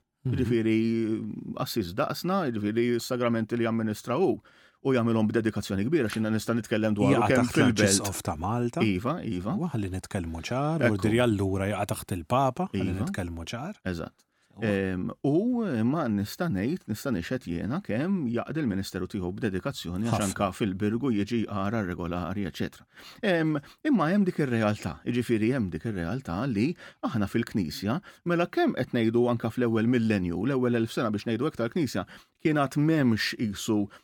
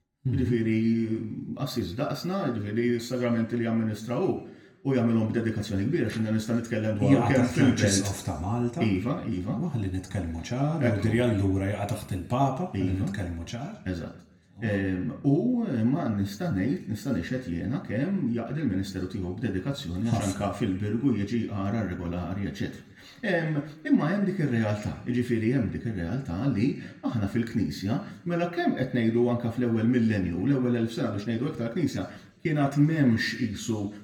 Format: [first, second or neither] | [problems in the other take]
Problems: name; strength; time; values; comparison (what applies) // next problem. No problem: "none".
first | room echo; slight; dies away in 0.7 s